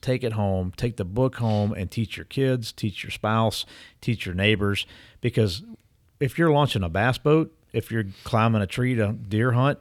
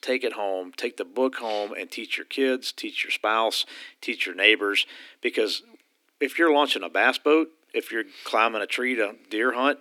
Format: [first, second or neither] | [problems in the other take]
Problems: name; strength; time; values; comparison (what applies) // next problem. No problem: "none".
first | thin; somewhat; fading below 250 Hz